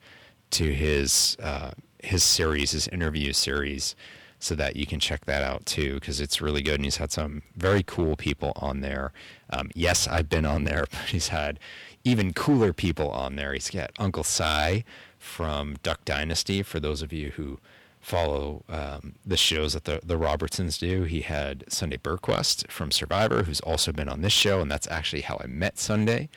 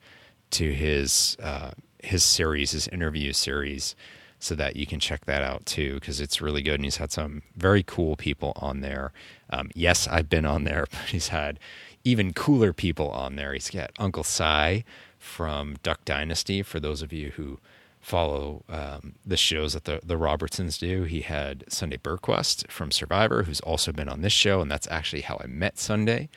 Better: second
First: distortion; slight; 1.8% of the sound clipped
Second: none

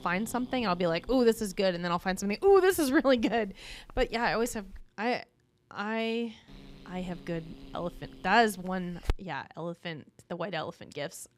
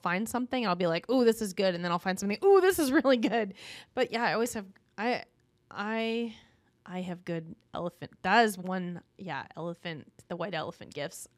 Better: second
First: hiss; noticeable; until 5 s and from 6.5 to 9 s; 20 dB below the speech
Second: none

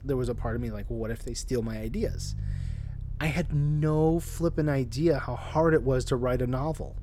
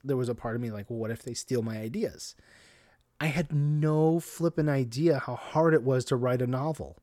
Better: second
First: low rumble; faint; throughout; 25 dB below the speech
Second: none

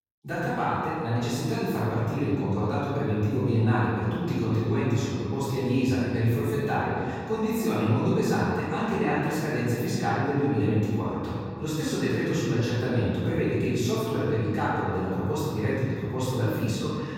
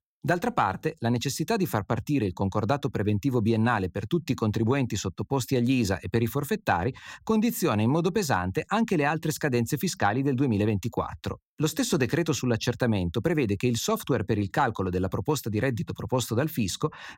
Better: second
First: room echo; strong; dies away in 2.2 s // off-mic speech; far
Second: none

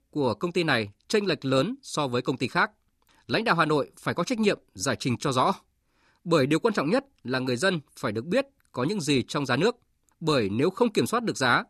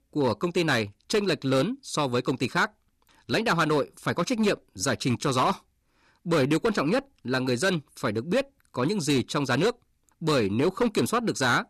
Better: first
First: none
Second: distortion; slight; 6% of the sound clipped

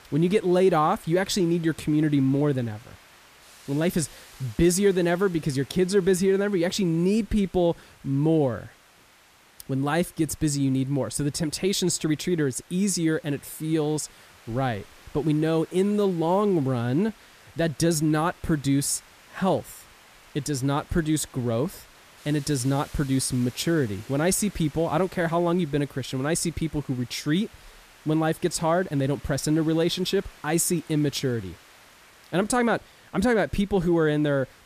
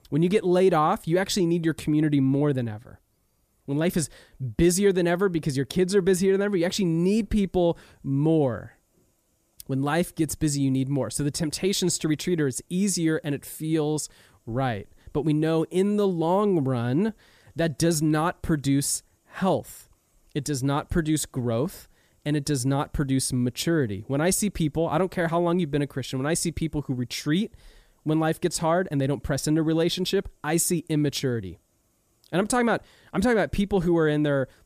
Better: second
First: hiss; faint; throughout; 25 dB below the speech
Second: none

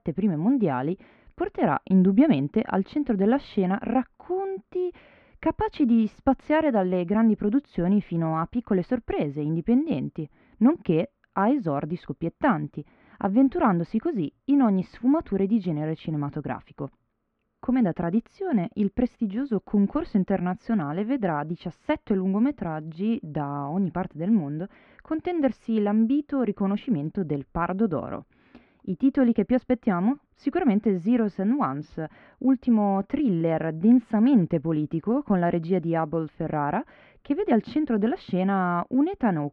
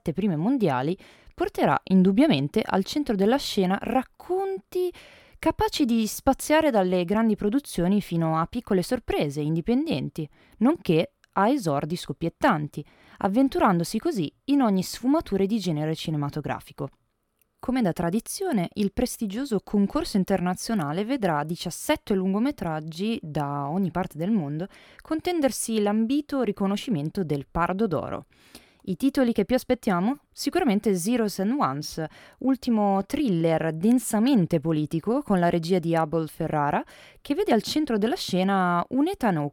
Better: second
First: muffled; very; fading above 2.5 kHz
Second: none

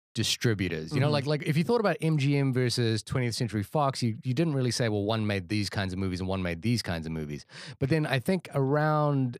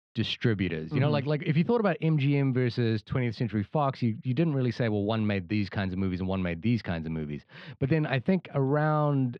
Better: first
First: none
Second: muffled; slightly; fading above 3.5 kHz

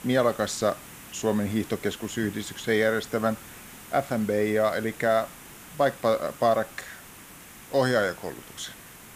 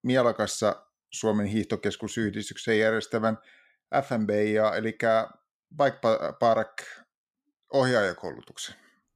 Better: second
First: hiss; noticeable; throughout; 15 dB below the speech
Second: none

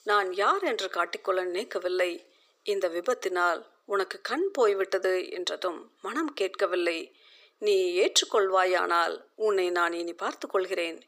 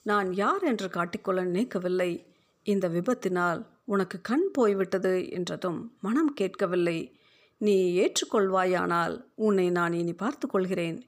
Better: second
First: thin; very; fading below 350 Hz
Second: none

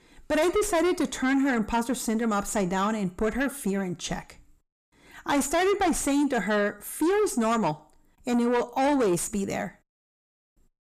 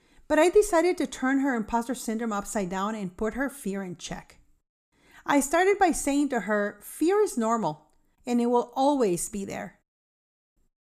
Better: second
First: distortion; heavy; 7 dB below the speech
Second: none

